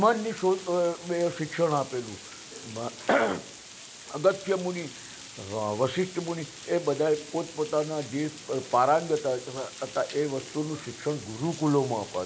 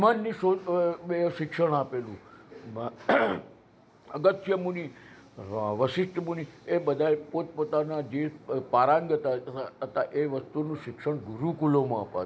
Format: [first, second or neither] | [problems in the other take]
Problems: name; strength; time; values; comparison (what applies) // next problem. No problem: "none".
second | background sound (Water); 16 dB below the speech